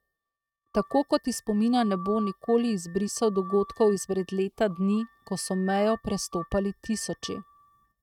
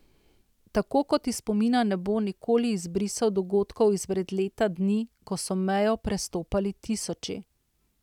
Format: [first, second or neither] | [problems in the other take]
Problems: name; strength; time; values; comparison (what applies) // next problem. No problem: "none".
second | noise reduction (neural mask model RNNoise)